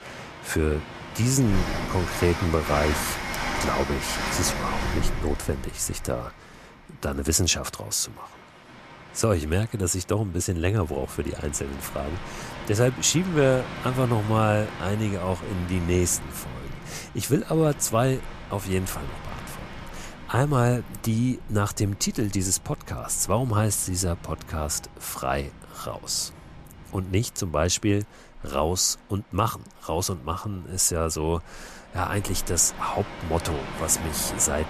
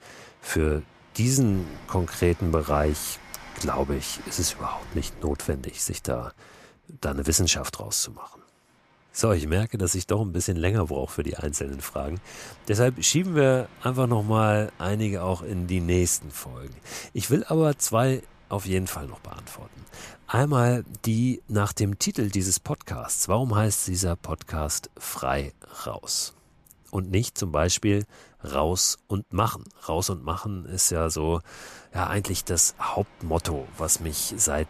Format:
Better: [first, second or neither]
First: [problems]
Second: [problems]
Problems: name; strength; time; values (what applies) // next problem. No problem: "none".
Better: second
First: train or aircraft noise; loud; throughout; 9 dB below the speech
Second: train or aircraft noise; faint; throughout; 25 dB below the speech